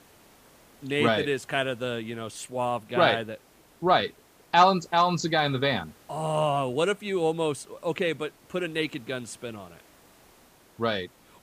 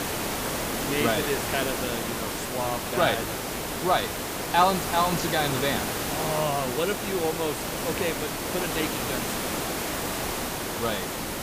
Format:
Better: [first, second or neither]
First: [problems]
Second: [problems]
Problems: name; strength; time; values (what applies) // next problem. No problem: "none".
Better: first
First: hiss; faint; throughout; 30 dB below the speech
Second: hiss; loud; throughout; 1 dB below the speech